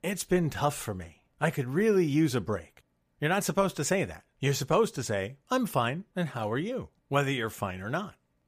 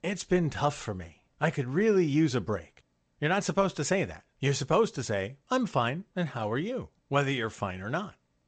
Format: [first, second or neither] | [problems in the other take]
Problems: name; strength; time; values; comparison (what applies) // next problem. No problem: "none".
first | garbled, watery; slightly; nothing above 8 kHz